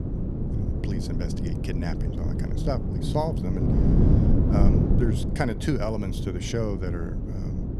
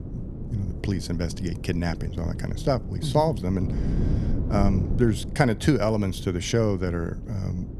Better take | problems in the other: second | wind noise on the microphone; heavy; 2 dB below the speech; occasional gusts in the second

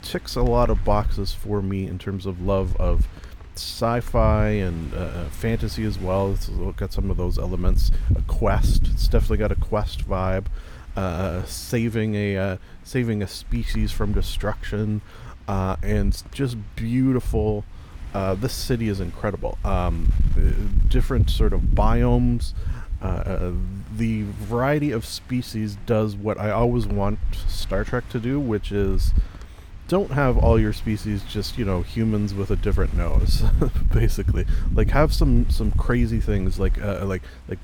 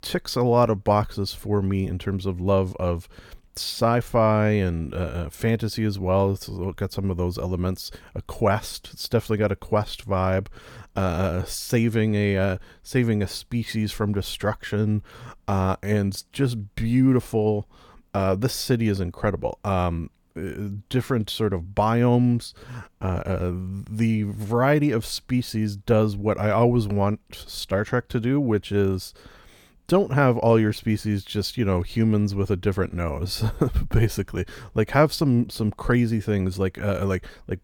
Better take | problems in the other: second | wind noise on the microphone; occasional gusts; 15 dB below the speech

